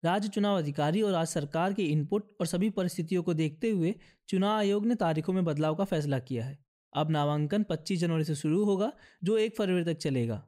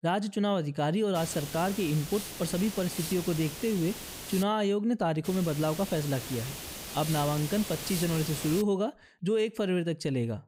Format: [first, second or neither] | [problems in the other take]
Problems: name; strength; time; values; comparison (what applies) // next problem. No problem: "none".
first | hiss; loud; from 1 to 4.5 s and from 5.5 to 8.5 s; 8 dB below the speech